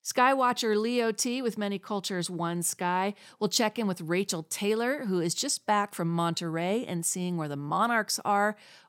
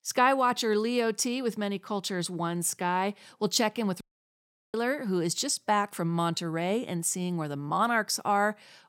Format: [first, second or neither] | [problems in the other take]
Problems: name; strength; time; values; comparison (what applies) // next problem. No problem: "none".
first | audio cutting out; at 4 s for 0.5 s